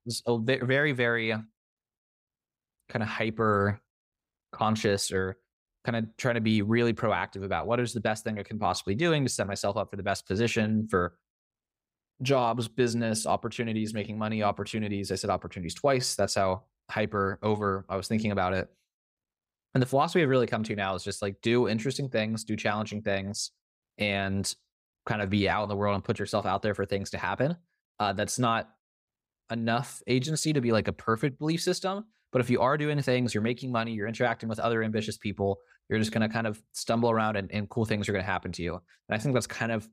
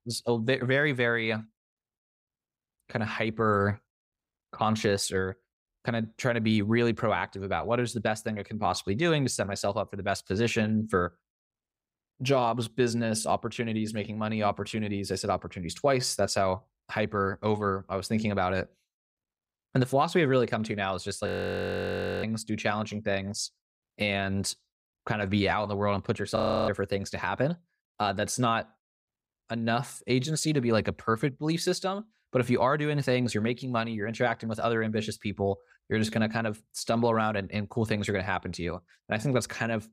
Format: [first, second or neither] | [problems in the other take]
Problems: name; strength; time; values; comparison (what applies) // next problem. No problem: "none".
first | audio freezing; at 21 s for 1 s and at 26 s